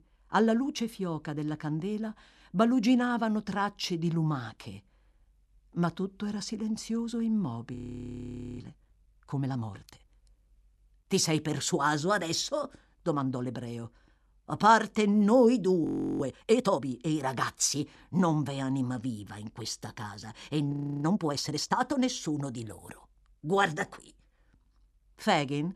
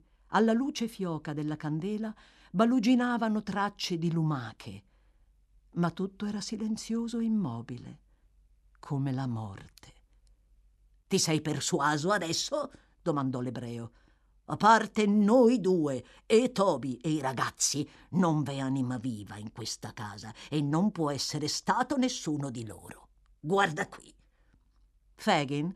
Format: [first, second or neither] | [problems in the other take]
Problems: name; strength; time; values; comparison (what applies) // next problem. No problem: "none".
second | audio freezing; at 8 s for 1 s, at 16 s and at 21 s